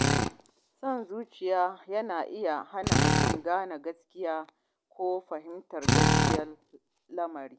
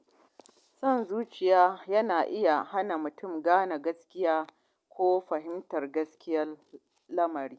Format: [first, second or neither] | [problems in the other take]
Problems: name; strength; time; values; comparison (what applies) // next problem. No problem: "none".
second | background sound (Drill); 4 dB above the speech